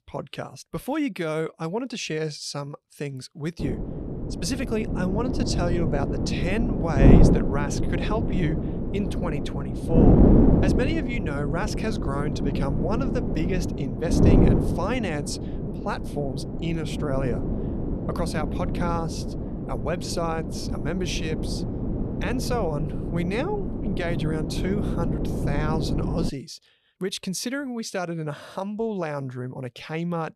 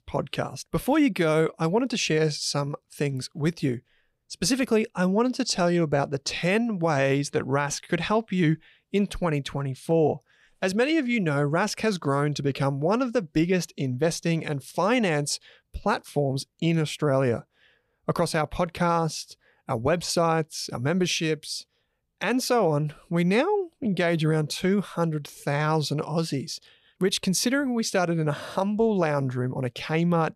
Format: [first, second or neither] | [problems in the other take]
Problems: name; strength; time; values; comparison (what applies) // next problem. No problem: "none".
second | wind noise on the microphone; heavy; from 3.5 to 26 s; as loud as the speech